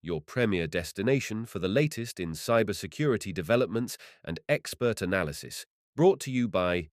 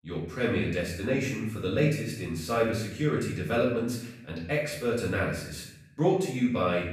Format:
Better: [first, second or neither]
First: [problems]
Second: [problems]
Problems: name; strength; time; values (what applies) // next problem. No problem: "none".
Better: first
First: none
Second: off-mic speech; far // room echo; noticeable; dies away in 0.7 s